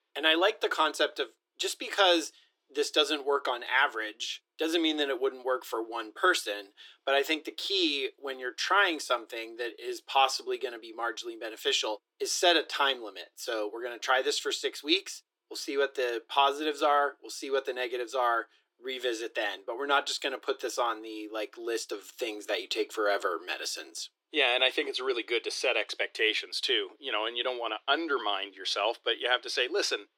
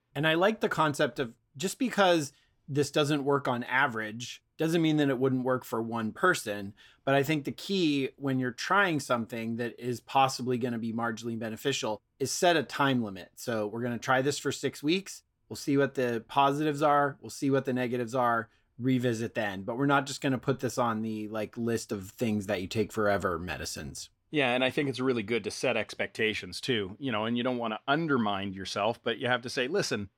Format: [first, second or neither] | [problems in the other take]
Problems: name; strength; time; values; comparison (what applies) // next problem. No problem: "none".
second | thin; very; fading below 300 Hz